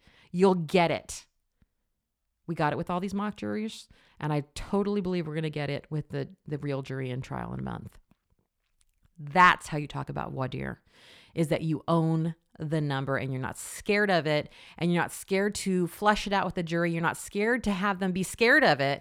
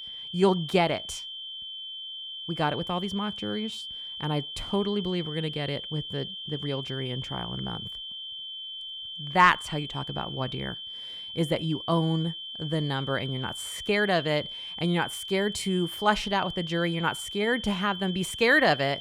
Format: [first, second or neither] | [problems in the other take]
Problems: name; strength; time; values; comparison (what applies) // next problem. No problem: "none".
first | high-pitched whine; loud; throughout; 3 kHz, 8 dB below the speech